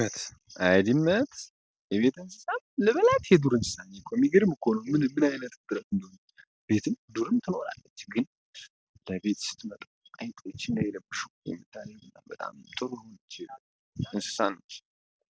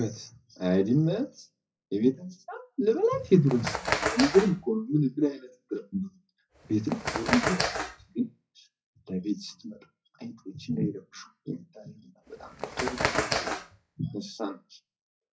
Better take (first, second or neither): first